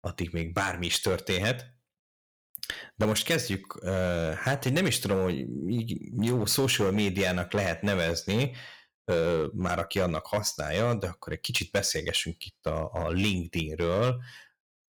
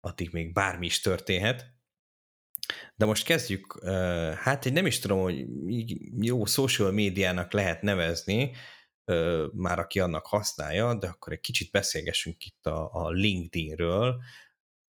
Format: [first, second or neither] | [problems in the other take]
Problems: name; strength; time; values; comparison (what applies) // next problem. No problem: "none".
second | distortion; slight; 5% of the sound clipped